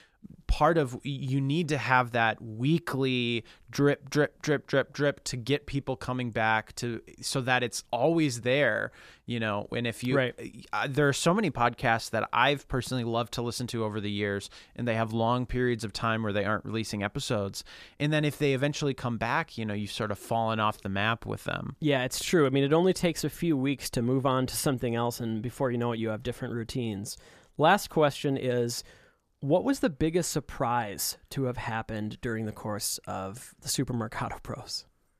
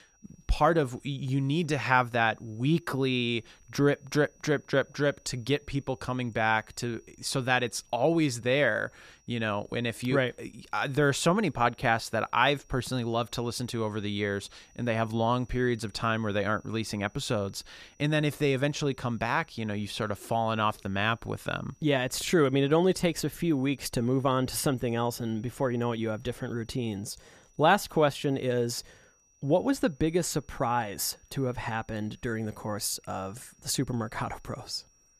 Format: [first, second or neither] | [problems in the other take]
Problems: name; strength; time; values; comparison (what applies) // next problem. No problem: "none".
first | high-pitched whine; faint; throughout; 6 kHz, 35 dB below the speech